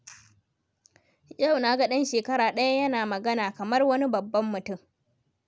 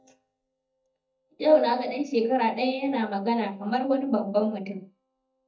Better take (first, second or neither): first